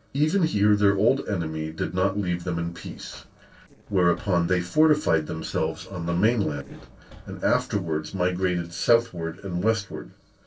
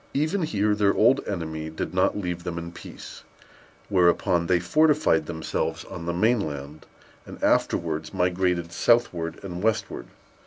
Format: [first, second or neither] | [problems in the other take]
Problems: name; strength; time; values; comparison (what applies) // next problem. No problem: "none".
second | noise reduction (neural separator model SepFormer DNS4)